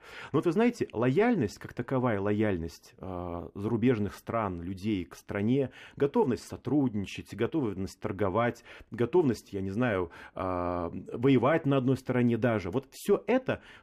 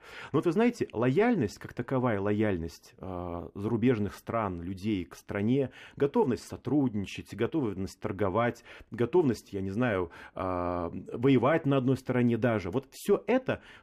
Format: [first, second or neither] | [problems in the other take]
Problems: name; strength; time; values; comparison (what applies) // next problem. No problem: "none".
neither | muffled; slightly; fading above 2.5 kHz; the same in both